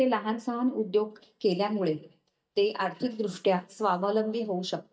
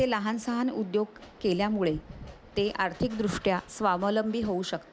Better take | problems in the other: second | noise reduction (neural mask model DeepFilterNet 3)

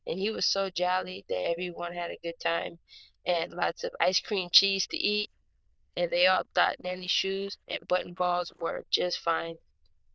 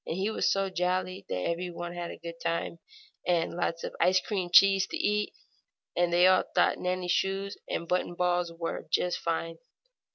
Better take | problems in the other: second | noise reduction (neural diffusion model UNIVERSE++)

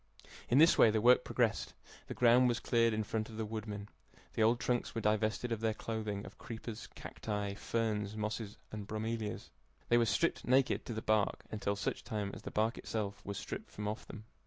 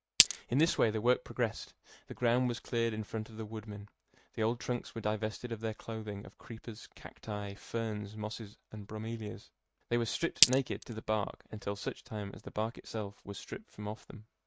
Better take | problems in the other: first | noise reduction (neural mask model RNNoise)

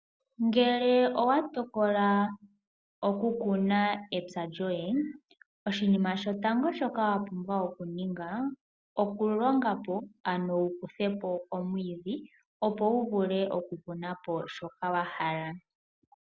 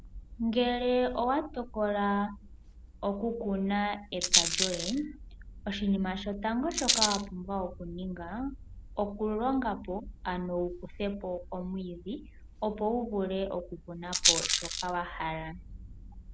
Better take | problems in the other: first | background sound (Rattle); 4 dB below the speech

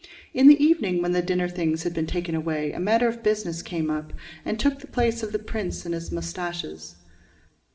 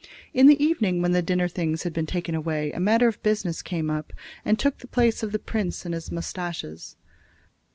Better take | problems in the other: second | room echo; dies away in 1.3 s

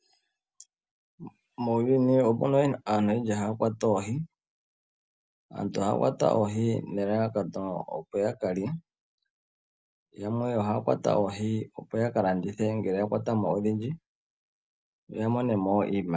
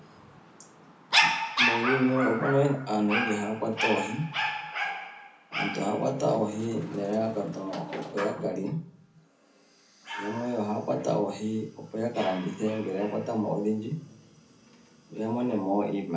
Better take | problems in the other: first | background sound (Dog); 4 dB below the speech // room echo; dies away in 0.4 s

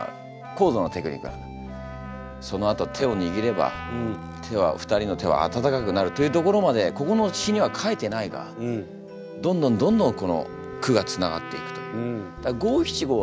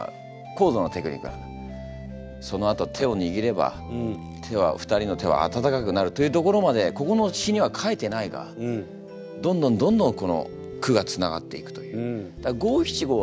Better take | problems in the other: second | background sound (Trumpet); 17 dB below the speech

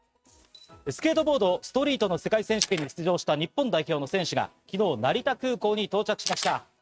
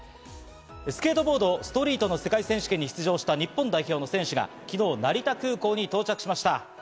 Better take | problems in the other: second | noise reduction (neural mask model RNNoise)

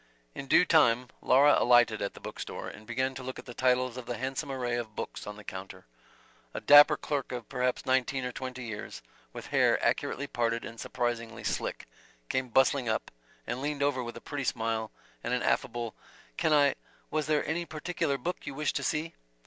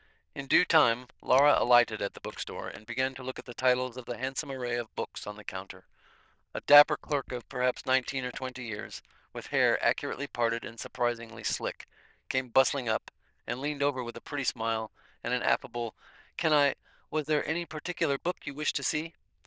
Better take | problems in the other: first | noise reduction (neural diffusion model UNIVERSE++)

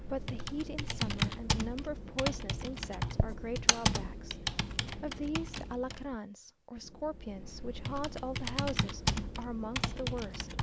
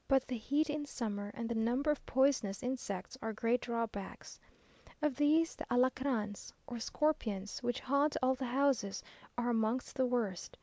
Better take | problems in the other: second | background sound (Computer keyboard); 5 dB above the speech

